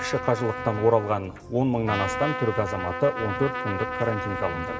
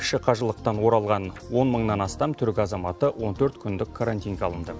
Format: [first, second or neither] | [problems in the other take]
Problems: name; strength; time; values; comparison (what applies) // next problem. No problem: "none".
second | background sound (Trumpet); 6 dB below the speech // room echo; dies away in 1.9 s